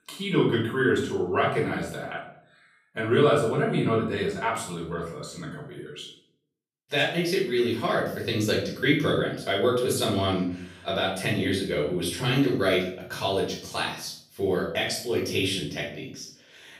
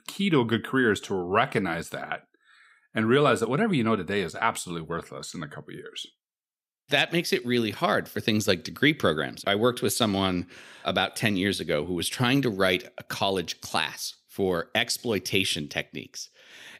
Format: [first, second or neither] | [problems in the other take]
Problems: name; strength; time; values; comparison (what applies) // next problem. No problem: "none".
second | off-mic speech; far // room echo; noticeable; dies away in 0.5 s